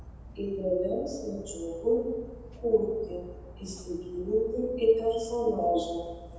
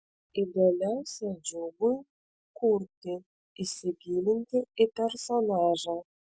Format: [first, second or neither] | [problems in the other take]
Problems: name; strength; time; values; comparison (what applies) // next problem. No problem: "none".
second | background sound (Dog); 17 dB below the speech // room echo; dies away in 1.1 s